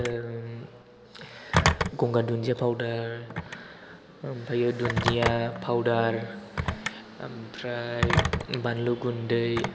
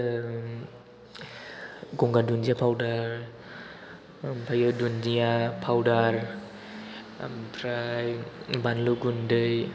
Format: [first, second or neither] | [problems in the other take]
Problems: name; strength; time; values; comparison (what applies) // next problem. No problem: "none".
second | background sound (Telephone); 3 dB below the speech